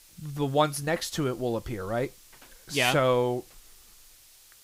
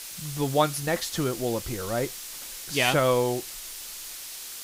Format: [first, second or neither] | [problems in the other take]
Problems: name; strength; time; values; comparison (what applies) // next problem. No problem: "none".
first | hiss; loud; throughout; 10 dB below the speech; faint in the first